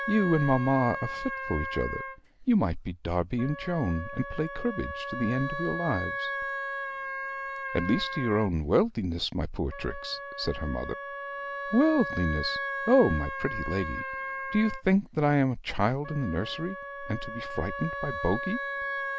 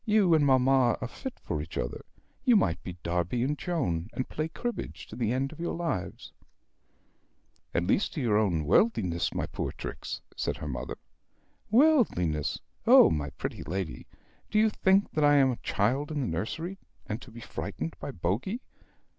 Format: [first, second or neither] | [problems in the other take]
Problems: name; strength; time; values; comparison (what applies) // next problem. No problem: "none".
second | background sound (Wind instrument, woodwind instrument); 7 dB below the speech